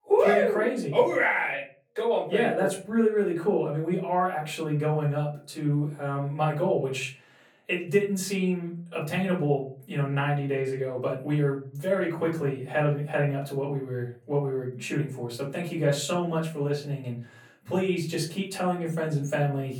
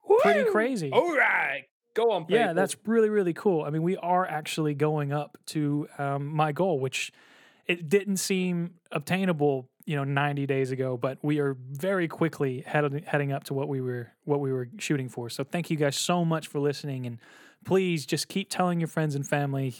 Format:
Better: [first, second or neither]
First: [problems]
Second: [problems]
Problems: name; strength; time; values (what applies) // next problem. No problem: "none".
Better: second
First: room echo; slight; dies away in 0.3 s // off-mic speech; far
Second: none